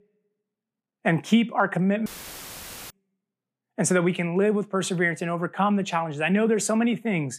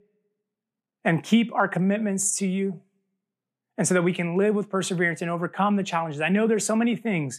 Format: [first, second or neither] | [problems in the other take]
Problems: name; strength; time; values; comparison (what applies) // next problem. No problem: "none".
second | audio cutting out; filled with static; at 2 s for 1 s